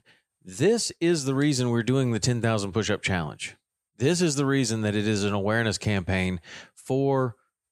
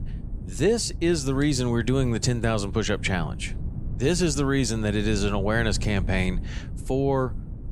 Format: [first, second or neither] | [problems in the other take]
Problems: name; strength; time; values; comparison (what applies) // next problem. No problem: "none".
first | wind noise on the microphone; occasional gusts; 20 dB below the speech